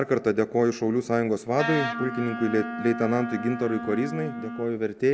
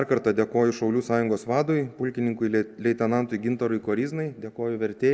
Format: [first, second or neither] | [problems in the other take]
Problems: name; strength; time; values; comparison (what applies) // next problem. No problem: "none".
second | background sound (Wind instrument, woodwind instrument); 8 dB below the speech